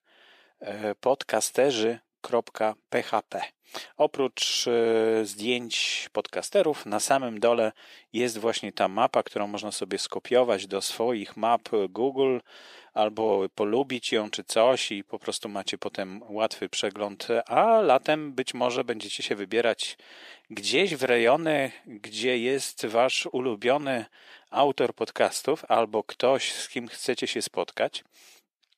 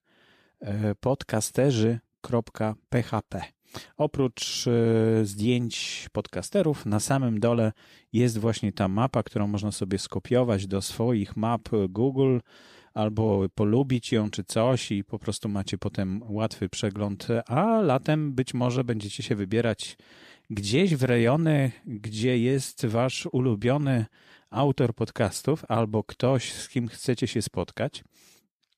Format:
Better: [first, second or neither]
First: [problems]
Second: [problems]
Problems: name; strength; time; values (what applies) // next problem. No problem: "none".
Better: second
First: thin; somewhat; fading below 450 Hz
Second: none